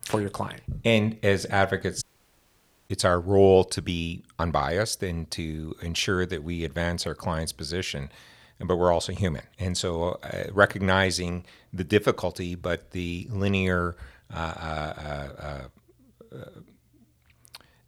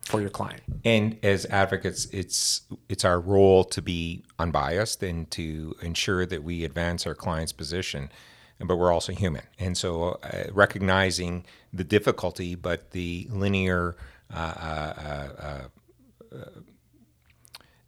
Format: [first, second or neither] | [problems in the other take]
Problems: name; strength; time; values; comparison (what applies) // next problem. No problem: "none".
second | audio cutting out; at 2 s for 1 s